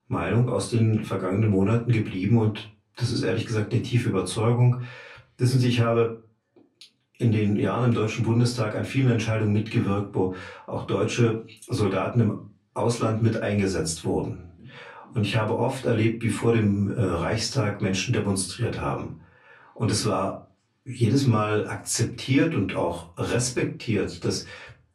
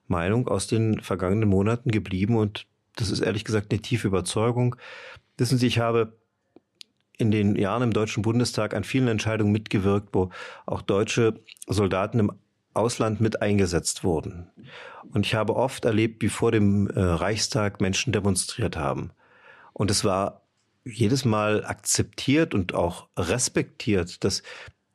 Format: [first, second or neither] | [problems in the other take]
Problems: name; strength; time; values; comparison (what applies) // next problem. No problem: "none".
second | off-mic speech; far // room echo; very slight; dies away in 0.3 s